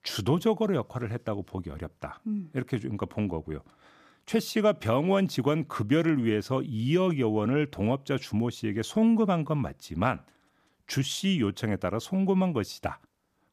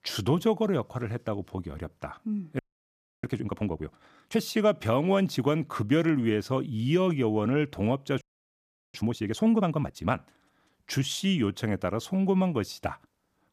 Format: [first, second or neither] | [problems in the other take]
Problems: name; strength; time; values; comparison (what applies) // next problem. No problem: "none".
first | audio freezing; at 2.5 s for 0.5 s and at 8 s for 0.5 s